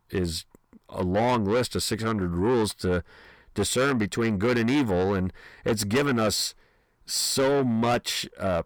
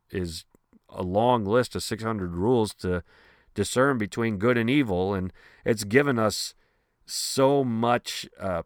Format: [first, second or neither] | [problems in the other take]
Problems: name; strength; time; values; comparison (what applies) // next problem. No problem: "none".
second | distortion; heavy; 7 dB below the speech